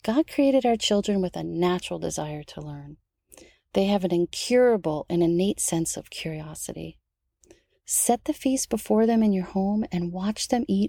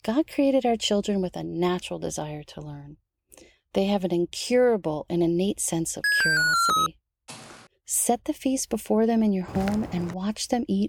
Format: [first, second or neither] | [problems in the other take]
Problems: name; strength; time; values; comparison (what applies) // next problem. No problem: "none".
first | alarm; loud; at 6 s; peak 6 dB above the speech // footsteps; faint; at 7.5 s; peak 15 dB below the speech // footsteps; noticeable; at 9.5 s; peak 9 dB below the speech